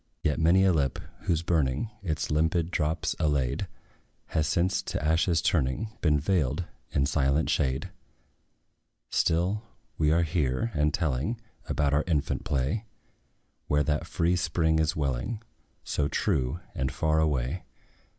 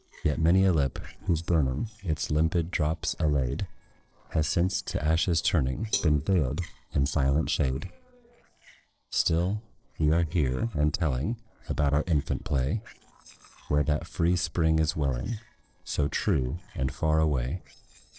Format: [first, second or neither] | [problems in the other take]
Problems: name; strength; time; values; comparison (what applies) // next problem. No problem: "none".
first | noise reduction (neural separator model SepFormer DNS4)